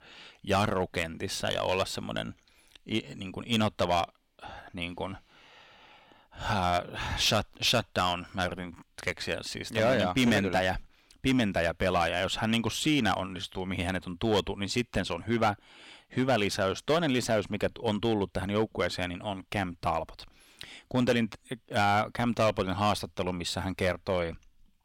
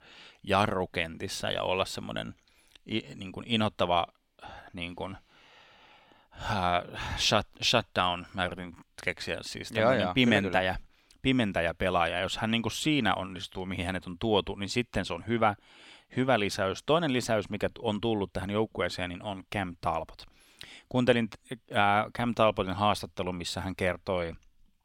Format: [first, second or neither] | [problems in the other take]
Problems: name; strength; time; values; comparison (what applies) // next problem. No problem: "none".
second | distortion; slight; 3% of the sound clipped